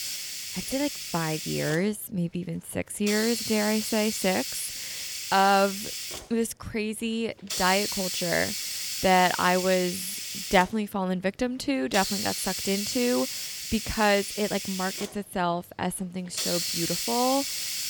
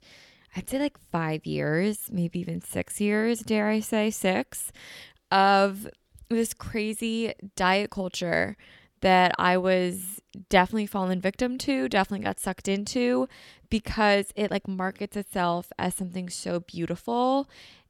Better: second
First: hiss; loud; throughout; 3 dB below the speech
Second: none

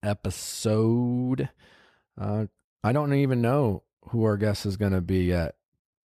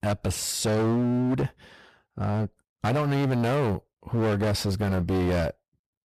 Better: first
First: none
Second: distortion; heavy; 24% of the sound clipped

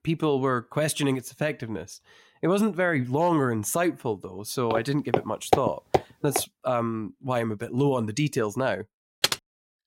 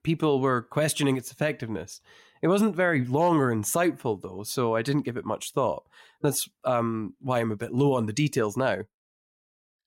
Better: second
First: footsteps; loud; from 4.5 to 6.5 s; peak 1 dB above the speech // keyboard typing; loud; at 9 s; peak 2 dB above the speech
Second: none

